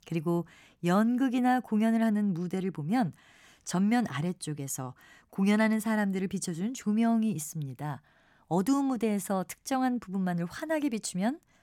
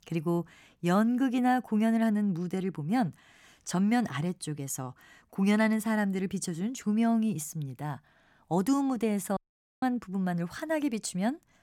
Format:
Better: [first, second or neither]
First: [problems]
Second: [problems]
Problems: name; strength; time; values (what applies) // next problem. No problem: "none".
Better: first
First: none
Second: audio cutting out; at 9.5 s